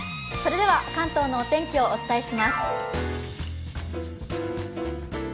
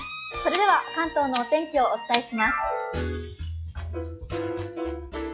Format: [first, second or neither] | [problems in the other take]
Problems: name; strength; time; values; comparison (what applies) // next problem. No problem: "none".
first | noise reduction (classical method log-MMSE)